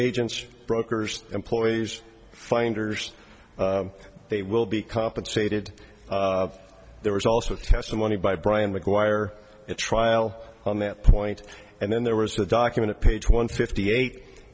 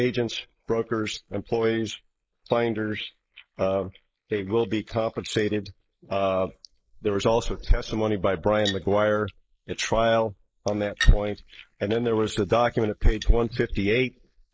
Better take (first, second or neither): first